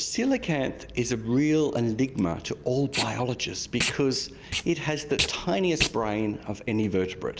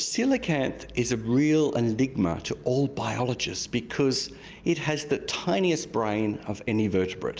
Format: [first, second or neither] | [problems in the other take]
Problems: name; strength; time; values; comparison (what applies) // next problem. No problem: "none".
second | background sound (Packing tape, duct tape); 9 dB below the speech